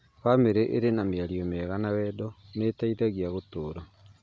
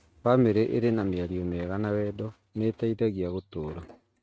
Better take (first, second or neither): first